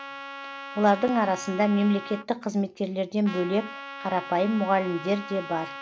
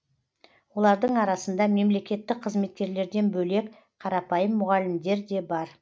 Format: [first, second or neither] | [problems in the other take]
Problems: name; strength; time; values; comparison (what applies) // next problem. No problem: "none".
second | background sound (Trumpet); 13 dB below the speech